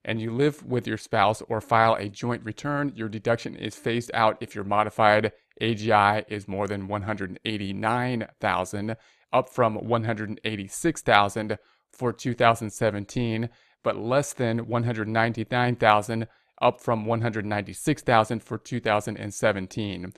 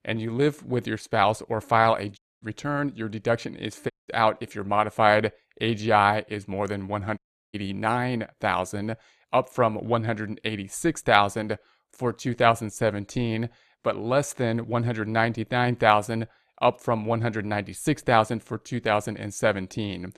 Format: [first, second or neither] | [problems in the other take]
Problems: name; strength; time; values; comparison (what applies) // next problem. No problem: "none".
first | audio cutting out; at 2 s, at 4 s and at 7 s